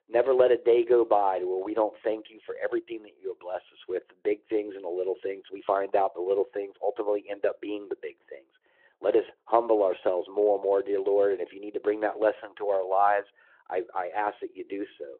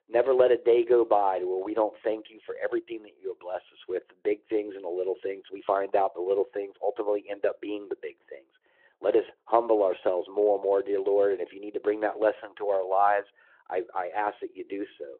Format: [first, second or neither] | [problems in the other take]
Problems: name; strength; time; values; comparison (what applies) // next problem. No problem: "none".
neither | phone-call audio; the same in both